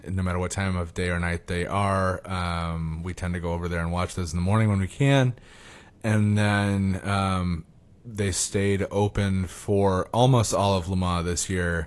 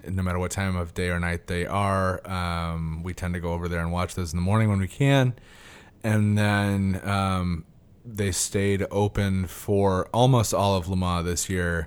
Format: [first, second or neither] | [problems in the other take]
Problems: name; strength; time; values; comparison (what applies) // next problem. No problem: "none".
second | garbled, watery; slightly; nothing above 11 kHz